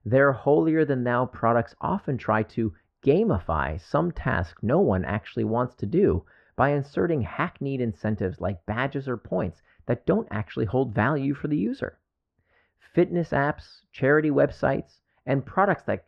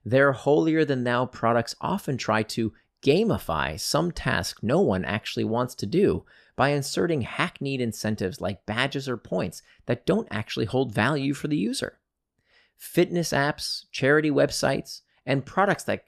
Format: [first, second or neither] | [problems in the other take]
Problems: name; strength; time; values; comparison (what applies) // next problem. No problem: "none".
second | muffled; very; fading above 1.5 kHz